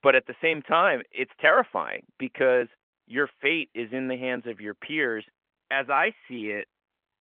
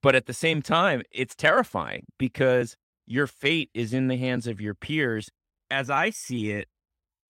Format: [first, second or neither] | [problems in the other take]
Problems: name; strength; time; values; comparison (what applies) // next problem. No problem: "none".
second | phone-call audio; nothing above 3.5 kHz